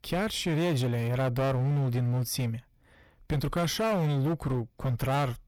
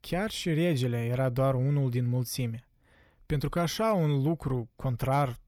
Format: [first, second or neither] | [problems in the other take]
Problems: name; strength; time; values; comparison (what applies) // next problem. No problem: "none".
second | distortion; slight; 19% of the sound clipped